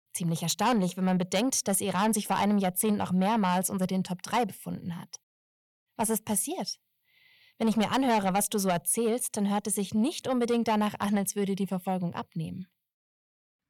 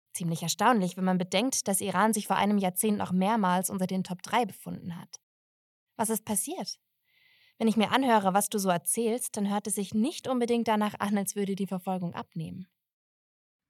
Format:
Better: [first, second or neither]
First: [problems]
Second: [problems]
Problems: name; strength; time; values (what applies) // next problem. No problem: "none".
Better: second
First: distortion; slight; 10 dB below the speech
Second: none